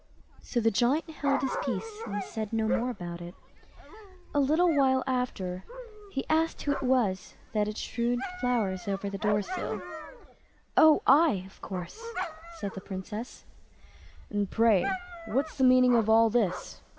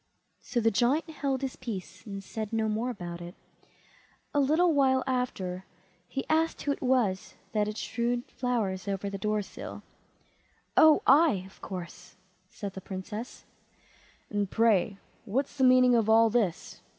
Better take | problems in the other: second | background sound (Dog); 11 dB below the speech

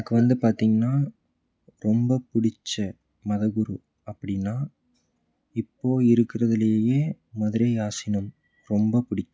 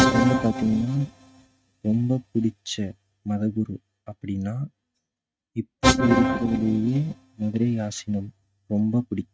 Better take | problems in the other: first | noise reduction (neural mask model RNNoise)

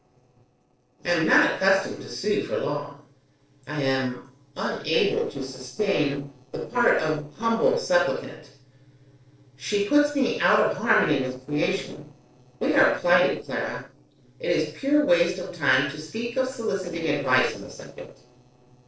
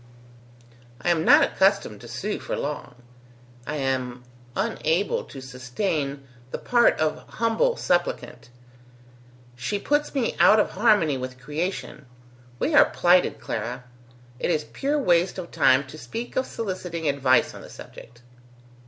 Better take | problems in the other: second | noise reduction (neural separator model SepFormer DNS4)

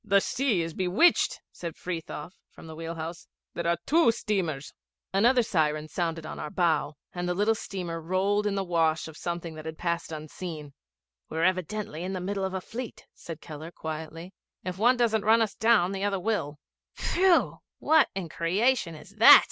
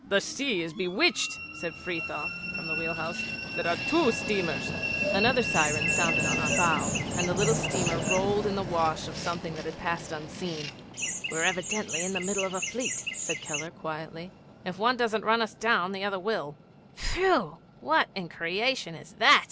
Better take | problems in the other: first | background sound (Train + Chirp, tweet); 3 dB below the speech

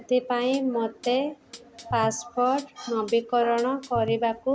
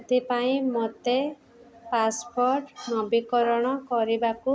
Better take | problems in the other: second | background sound (Hi-hat); 17 dB below the speech

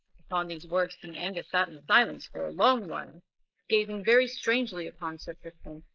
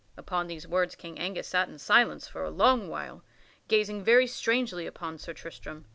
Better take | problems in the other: second | noise reduction (neural mask model Resemble Enhance denoiser)

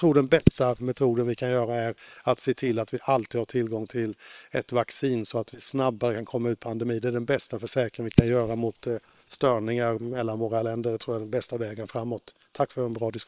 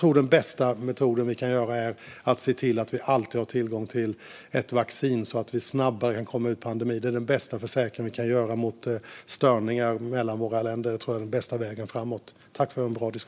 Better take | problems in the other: second | noise reduction (neural separator model SepFormer WHAM!)

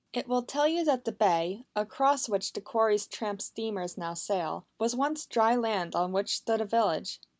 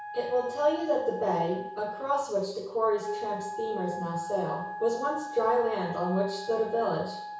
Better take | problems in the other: first | background sound (Wind instrument, woodwind instrument); 10 dB below the speech // room echo; dies away in 0.6 s

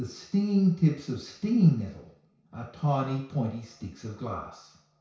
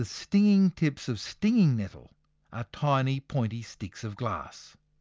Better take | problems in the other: second | room echo; dies away in 0.6 s

